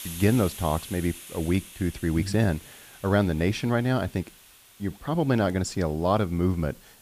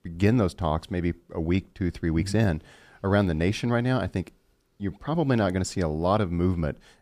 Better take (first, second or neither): second